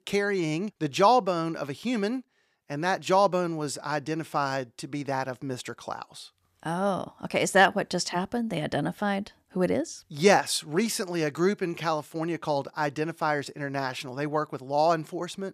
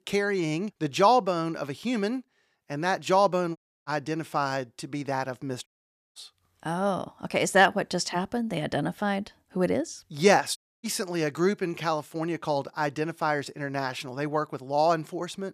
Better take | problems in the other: first | audio cutting out; at 3.5 s, at 5.5 s and at 11 s

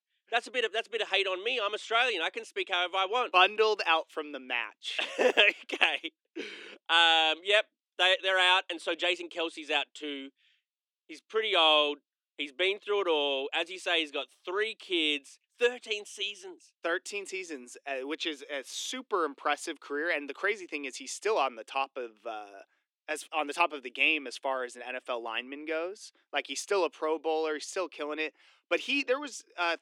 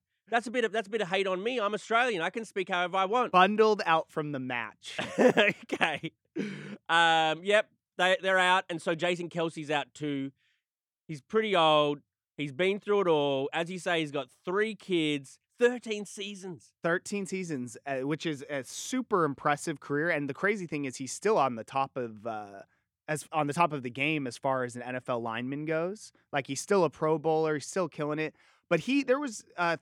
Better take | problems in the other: second | thin; somewhat; fading below 300 Hz

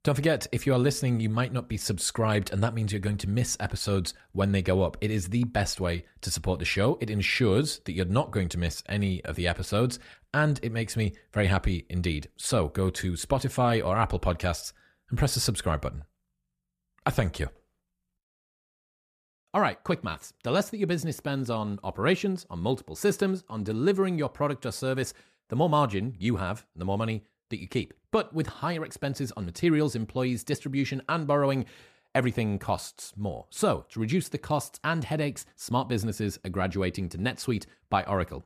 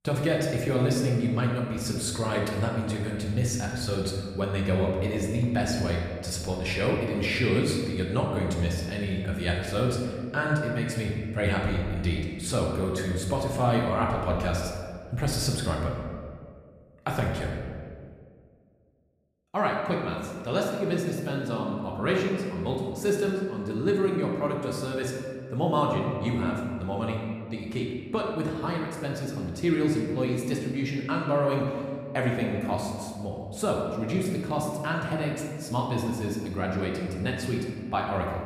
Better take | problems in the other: first | room echo; noticeable; dies away in 1.7 s // off-mic speech; somewhat distant

